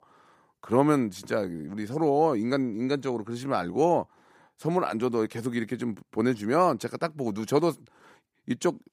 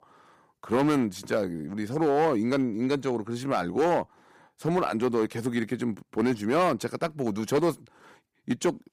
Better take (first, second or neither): first